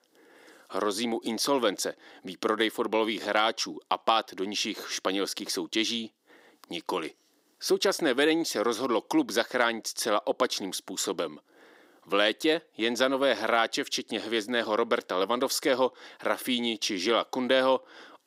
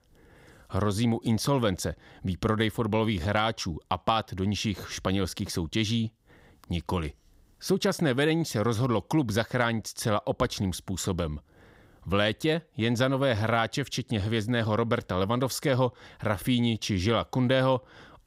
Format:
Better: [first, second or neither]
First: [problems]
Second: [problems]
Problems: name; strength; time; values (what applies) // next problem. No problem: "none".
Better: second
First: thin; somewhat; fading below 300 Hz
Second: none